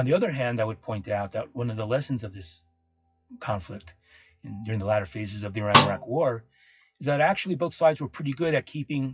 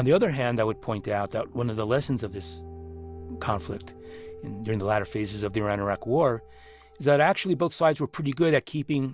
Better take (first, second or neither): second